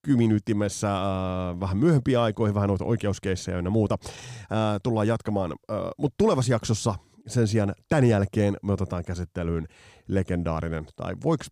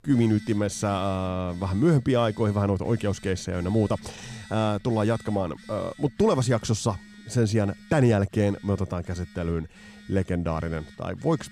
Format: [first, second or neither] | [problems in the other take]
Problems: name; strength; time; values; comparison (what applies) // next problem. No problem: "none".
first | alarms or sirens; faint; throughout; 20 dB below the speech